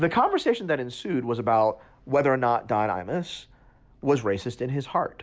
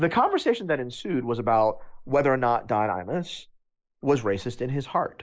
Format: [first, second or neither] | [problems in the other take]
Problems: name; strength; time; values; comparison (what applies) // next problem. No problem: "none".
first | noise reduction (neural mask model Resemble Enhance denoiser)